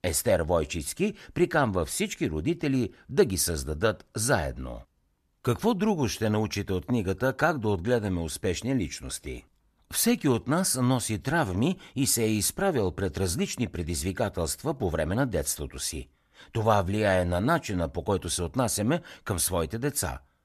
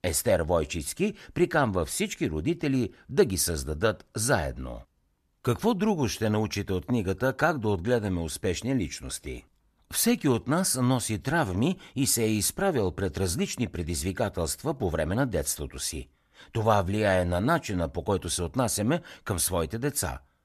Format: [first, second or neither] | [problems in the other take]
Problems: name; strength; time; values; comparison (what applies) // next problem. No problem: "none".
neither | none